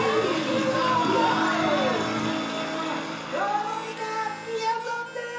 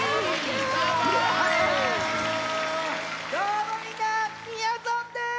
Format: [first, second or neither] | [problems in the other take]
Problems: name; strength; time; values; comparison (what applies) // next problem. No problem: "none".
second | background sound (Harmonica); 18 dB below the speech // room echo; dies away in 0.7 s